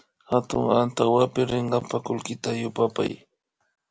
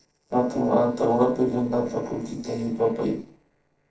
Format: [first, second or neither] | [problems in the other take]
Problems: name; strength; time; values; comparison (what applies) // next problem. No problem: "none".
first | noise reduction (neural separator model SepFormer DNS4)